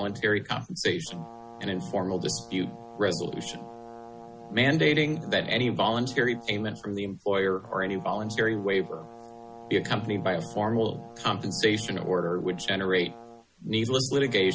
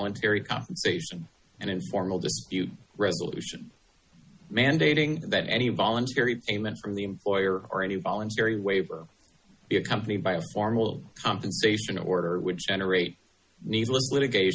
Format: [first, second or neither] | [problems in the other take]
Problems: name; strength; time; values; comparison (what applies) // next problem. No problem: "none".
second | background sound (Brass instrument); 17 dB below the speech